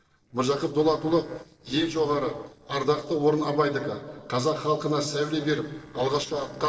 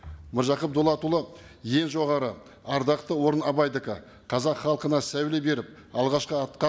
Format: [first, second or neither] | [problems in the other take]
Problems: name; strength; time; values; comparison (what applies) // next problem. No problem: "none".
second | noise reduction (neural separator model SepFormer DNS4)